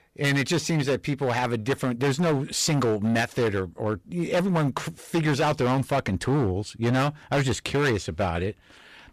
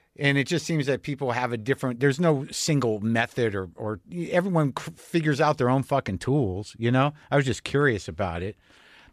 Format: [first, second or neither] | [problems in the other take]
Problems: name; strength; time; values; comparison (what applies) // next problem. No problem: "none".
second | distortion; heavy; 14% of the sound clipped